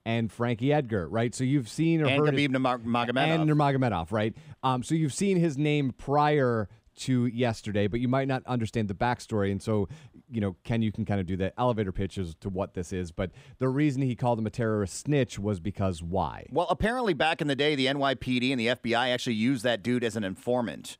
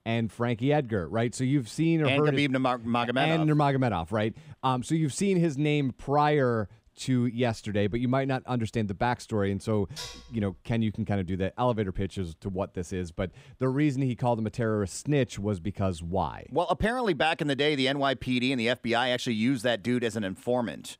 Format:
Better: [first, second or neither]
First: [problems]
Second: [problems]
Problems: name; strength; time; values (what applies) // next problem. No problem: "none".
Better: first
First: none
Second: clattering dishes; faint; at 10 s; peak 10 dB below the speech